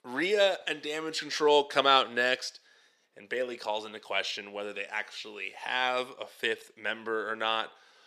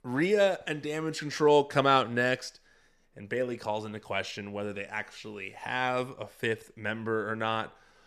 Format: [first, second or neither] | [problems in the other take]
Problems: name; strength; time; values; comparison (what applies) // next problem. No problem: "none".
second | thin; somewhat; fading below 350 Hz